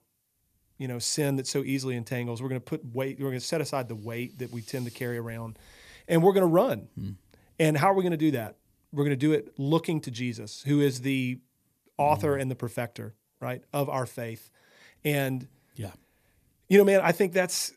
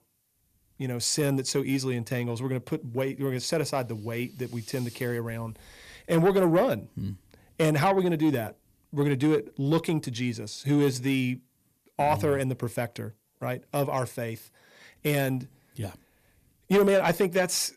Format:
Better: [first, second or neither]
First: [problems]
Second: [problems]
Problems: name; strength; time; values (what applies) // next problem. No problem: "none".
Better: first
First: none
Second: distortion; slight; 10 dB below the speech